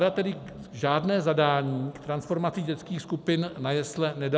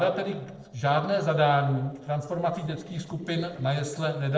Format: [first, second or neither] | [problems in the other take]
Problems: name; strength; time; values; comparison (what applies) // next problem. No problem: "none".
first | noise reduction (neural separator model SepFormer DNS4)